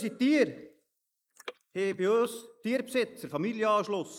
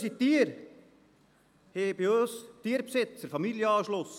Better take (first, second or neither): second